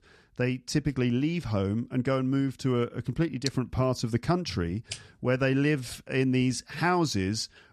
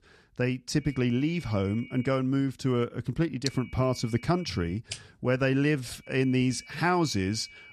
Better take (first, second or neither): first